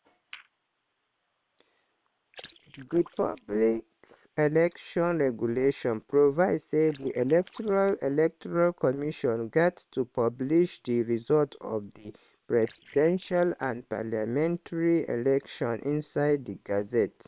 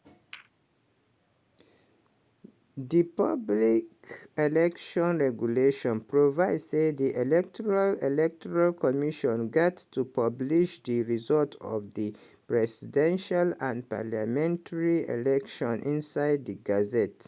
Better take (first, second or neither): second